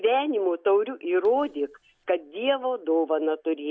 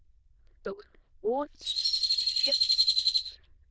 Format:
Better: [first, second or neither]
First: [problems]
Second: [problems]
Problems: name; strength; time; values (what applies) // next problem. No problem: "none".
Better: first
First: none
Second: noise reduction (neural diffusion model UNIVERSE++)